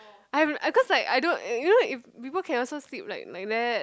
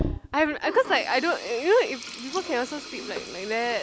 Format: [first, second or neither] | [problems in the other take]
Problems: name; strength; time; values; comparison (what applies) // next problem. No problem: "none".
first | background sound (Sink (filling or washing)); 10 dB below the speech